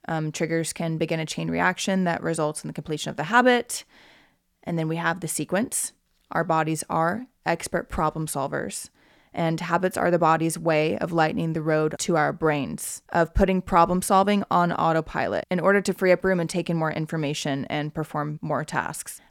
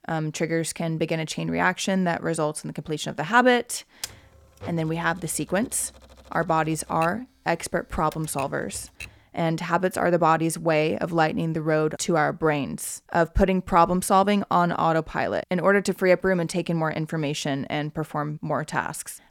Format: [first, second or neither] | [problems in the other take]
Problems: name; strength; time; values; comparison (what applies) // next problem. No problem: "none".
first | keyboard typing; faint; from 4 to 9 s; peak 10 dB below the speech